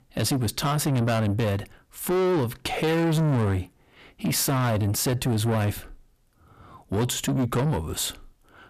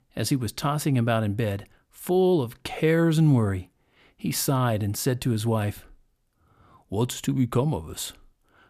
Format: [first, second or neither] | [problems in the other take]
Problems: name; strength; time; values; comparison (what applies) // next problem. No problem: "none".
second | distortion; heavy; 7 dB below the speech